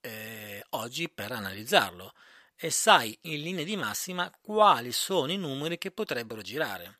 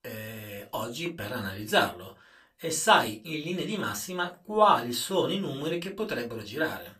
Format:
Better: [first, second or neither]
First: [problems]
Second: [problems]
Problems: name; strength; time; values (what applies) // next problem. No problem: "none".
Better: first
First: none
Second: off-mic speech; somewhat distant // room echo; very slight; dies away in 0.2 s